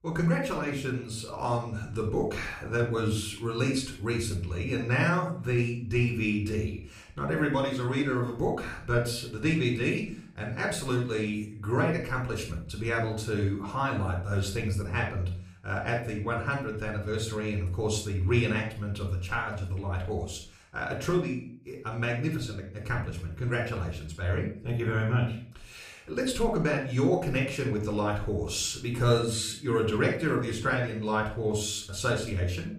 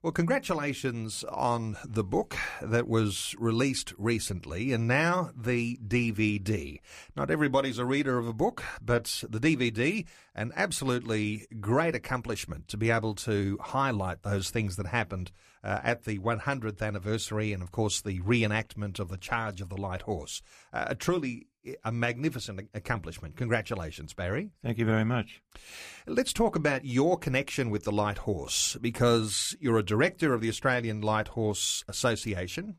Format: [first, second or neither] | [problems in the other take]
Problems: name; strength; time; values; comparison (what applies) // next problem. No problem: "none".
second | off-mic speech; somewhat distant // room echo; slight; dies away in 0.4 s